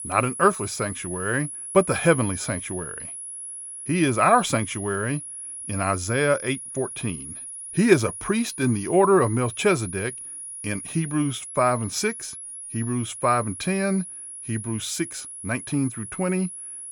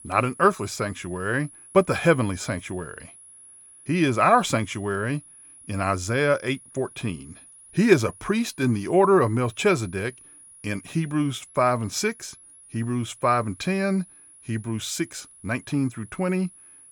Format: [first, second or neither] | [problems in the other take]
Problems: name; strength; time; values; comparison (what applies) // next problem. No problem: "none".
second | high-pitched whine; loud; throughout; 10.5 kHz, 9 dB below the speech; faint in the second